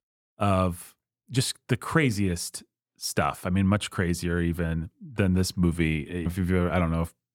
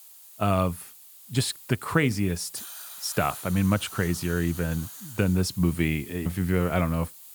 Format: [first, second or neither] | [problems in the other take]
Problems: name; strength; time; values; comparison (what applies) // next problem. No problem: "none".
first | hiss; noticeable; throughout; 15 dB below the speech